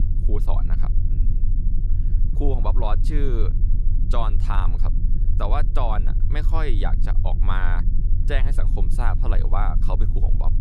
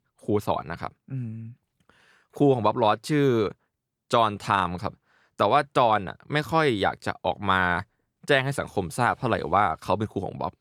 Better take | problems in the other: second | low rumble; noticeable; throughout; 10 dB below the speech

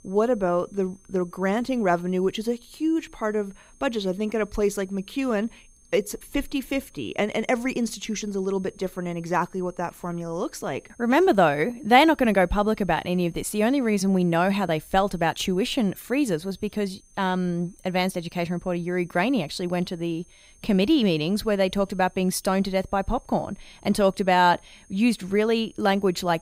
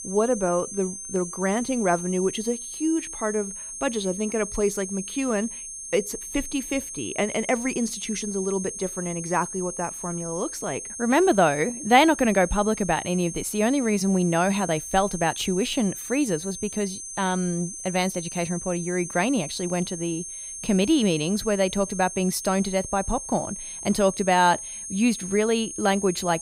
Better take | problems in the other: first | high-pitched whine; loud; throughout; 6.5 kHz, 8 dB below the speech; faint in the first

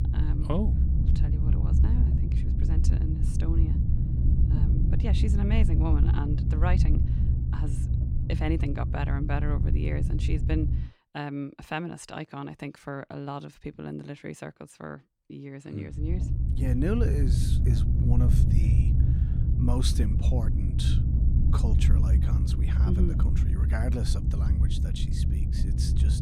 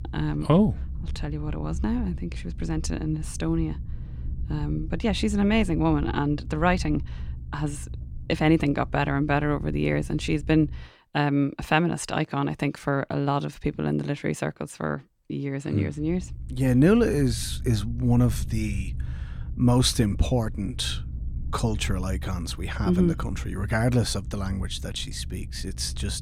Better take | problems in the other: second | low rumble; loud; until 11 s and from 16 s on; 2 dB below the speech; faint in the second

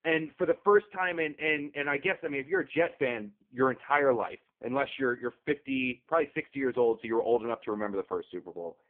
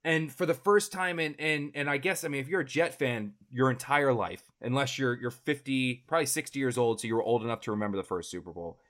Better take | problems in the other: second | phone-call audio; poor line

